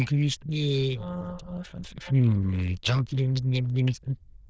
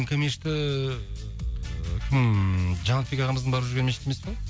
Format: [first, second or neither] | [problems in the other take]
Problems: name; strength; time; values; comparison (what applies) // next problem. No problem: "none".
second | noise reduction (neural diffusion model UNIVERSE++)